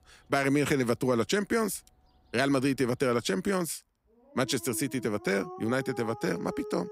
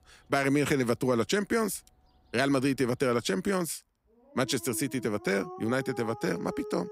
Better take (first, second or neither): neither